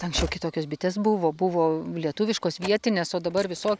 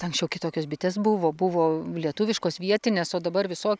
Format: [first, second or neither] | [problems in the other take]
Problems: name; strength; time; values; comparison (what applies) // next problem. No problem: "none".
second | background sound (Slam / Train); 15 dB below the speech